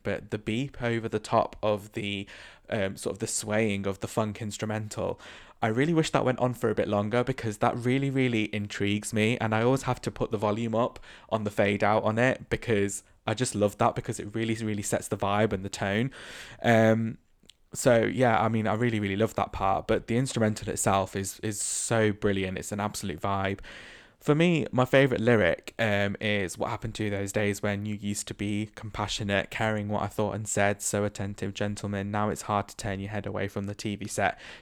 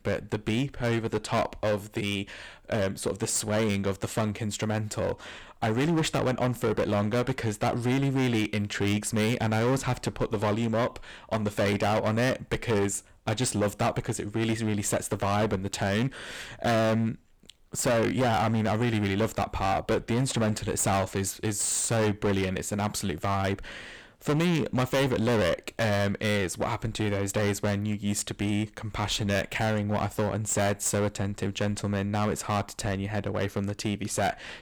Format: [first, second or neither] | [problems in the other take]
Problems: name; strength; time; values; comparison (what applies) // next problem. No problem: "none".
first | distortion; heavy; 14% of the sound clipped